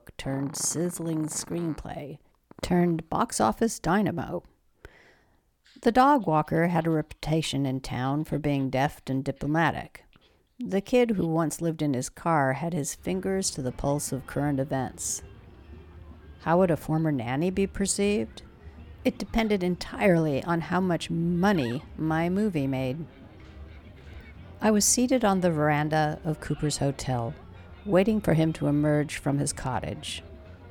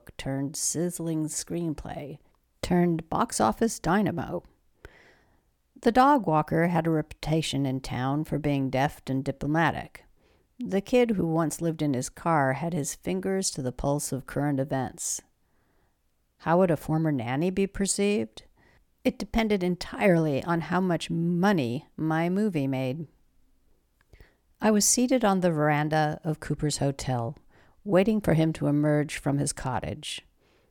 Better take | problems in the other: second | animal sounds; faint; throughout; 20 dB below the speech

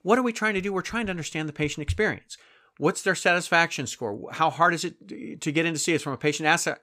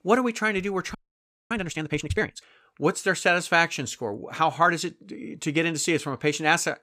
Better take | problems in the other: first | audio freezing; at 1 s for 0.5 s

